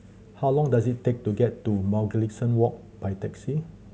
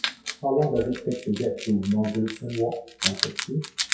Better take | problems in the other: first | noise reduction (classical method WPE with log-MMSE)

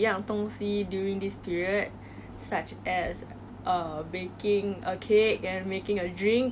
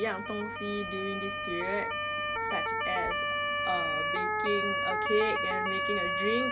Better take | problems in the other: first | background sound (Motor vehicle (road) / Siren); 3 dB above the speech

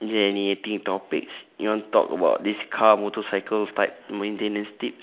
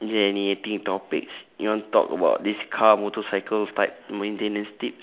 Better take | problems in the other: second | noise reduction (neural mask model Resemble Enhance denoiser)

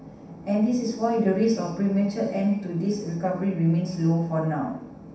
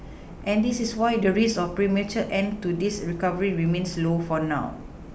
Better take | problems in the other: second | room echo; dies away in 0.7 s

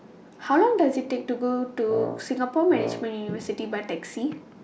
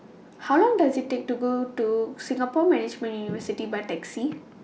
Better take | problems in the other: second | background sound (Wind instrument, woodwind instrument); 8 dB below the speech

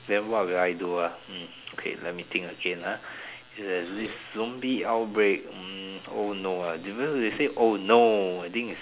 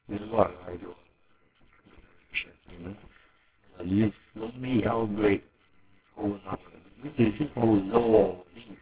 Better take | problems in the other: first | noise reduction (neural separator model SepFormer WHAMR!)

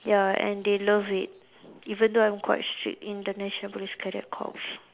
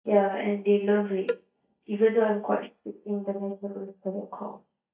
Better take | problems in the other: first | noise reduction (neural mask model DeepFilterNet 3)

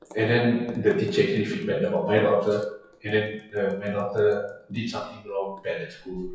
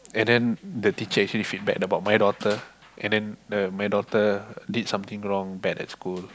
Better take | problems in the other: second | noise reduction (classical method WPE with log-MMSE)

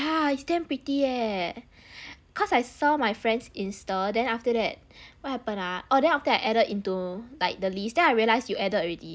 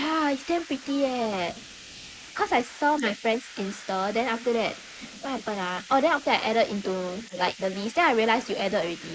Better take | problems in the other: first | noise reduction (neural mask model Resemble Enhance denoiser)

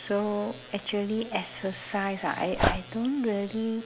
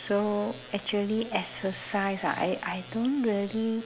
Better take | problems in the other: second | background sound (Dog); 1 dB below the speech

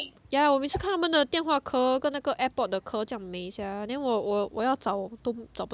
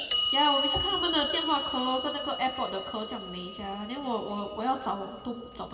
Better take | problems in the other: first | background sound (Clock); 3 dB below the speech // room echo; dies away in 2.5 s

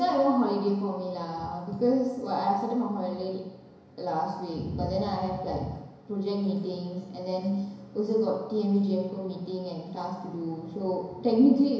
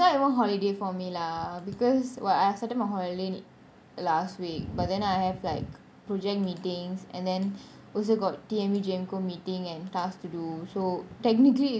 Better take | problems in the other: second | room echo; dies away in 1 s

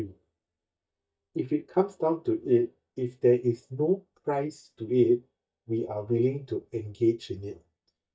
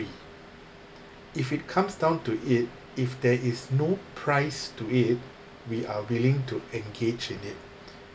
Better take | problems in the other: second | noise reduction (neural mask model DeepFilterNet 3)

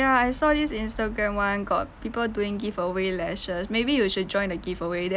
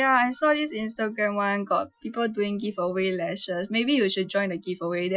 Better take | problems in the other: first | noise reduction (classical method Wiener filter)

